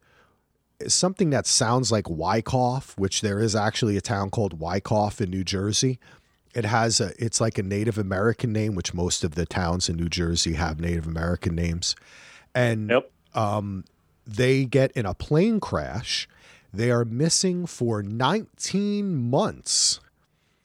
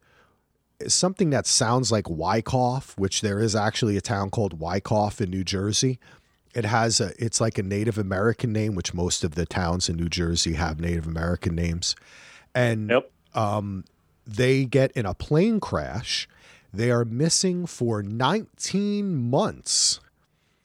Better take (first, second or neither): neither